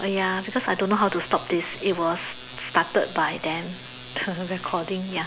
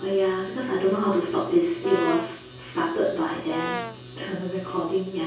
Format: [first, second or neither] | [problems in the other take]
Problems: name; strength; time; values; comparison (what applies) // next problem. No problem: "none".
first | background sound (Brass instrument); 8 dB below the speech // room echo; dies away in 0.6 s